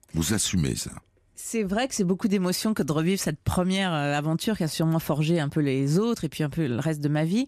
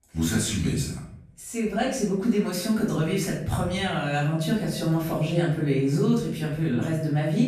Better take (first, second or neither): first